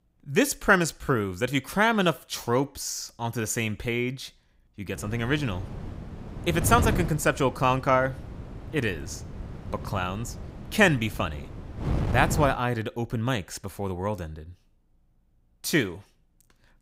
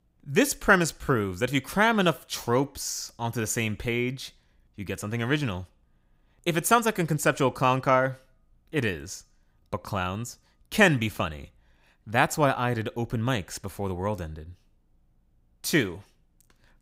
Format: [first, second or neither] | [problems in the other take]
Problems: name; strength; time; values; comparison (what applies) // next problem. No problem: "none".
second | wind noise on the microphone; occasional gusts; from 5 to 13 s; 15 dB below the speech